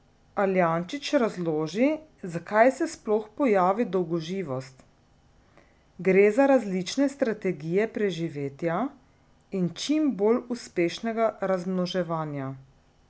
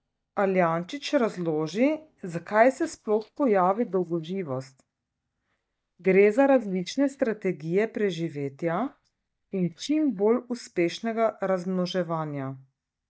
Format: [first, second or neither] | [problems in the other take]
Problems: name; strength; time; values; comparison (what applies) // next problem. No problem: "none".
first | noise reduction (neural mask model DeepFilterNet 3)